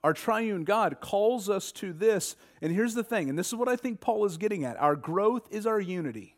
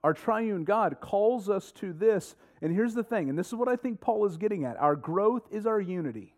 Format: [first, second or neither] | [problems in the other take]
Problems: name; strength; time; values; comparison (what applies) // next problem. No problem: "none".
first | muffled; slightly; fading above 2 kHz